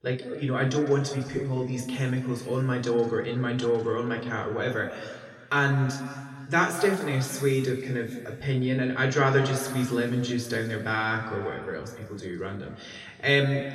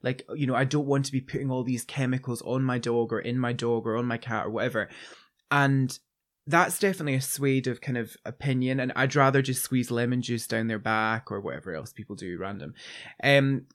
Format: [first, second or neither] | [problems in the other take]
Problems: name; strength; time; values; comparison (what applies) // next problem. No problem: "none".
second | room echo; noticeable; dies away in 2.1 s // off-mic speech; far